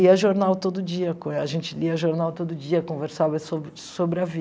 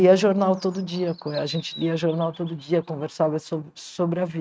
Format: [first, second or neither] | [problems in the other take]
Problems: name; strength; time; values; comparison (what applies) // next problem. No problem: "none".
first | noise reduction (neural mask model RNNoise)